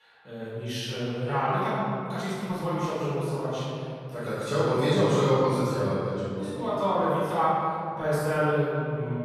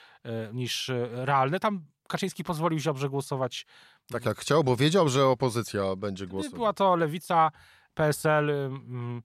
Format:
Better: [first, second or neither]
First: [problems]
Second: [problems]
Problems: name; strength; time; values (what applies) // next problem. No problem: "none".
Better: second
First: room echo; strong; dies away in 2.4 s // off-mic speech; far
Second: none